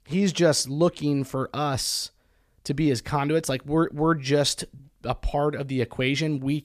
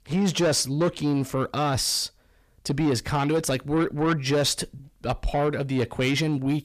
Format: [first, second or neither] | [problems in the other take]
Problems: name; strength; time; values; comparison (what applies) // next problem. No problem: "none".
first | distortion; slight; 10 dB below the speech